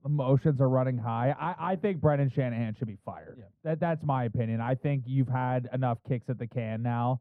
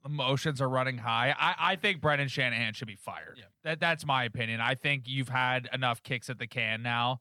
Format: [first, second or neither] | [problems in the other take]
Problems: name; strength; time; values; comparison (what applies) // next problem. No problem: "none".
second | muffled; very; fading above 1.5 kHz